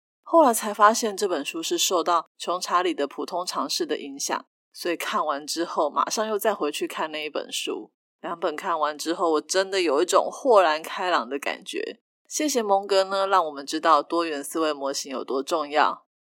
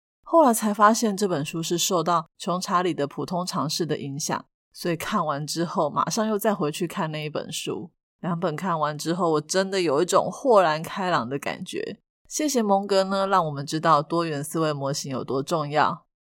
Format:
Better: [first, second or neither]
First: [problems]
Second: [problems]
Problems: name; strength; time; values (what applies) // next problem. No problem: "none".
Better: second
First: thin; somewhat; fading below 250 Hz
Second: none